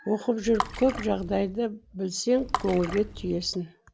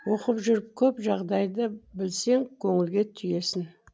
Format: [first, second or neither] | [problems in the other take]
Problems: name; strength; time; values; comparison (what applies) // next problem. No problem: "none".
second | background sound (Water / Splash, splatter); 9 dB below the speech